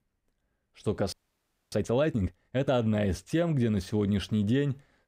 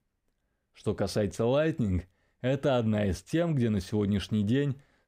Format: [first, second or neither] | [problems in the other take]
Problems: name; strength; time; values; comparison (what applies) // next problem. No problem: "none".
second | audio freezing; at 1 s for 0.5 s